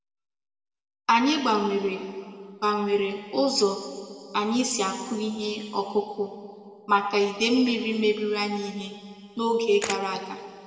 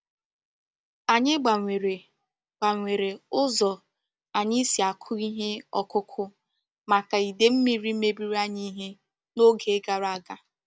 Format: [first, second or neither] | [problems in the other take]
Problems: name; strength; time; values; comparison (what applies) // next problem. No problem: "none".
second | background sound (Camera); 13 dB below the speech // room echo; dies away in 2.1 s